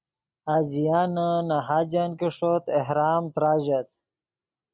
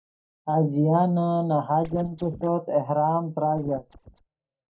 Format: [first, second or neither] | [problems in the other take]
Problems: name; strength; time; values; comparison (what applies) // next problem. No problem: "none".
first | noise reduction (neural mask model DeepFilterNet 3)